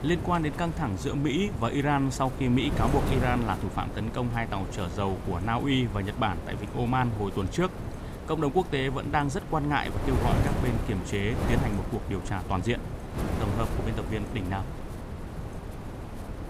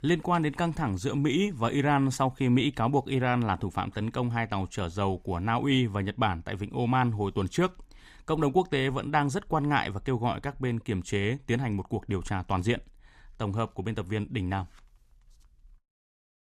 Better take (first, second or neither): second